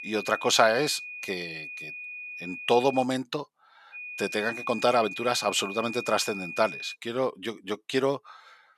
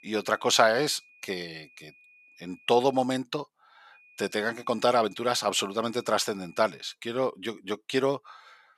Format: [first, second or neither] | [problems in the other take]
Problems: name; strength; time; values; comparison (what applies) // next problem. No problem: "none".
second | high-pitched whine; loud; until 3 s and from 4 to 7 s; 2.5 kHz, 10 dB below the speech; faint in the second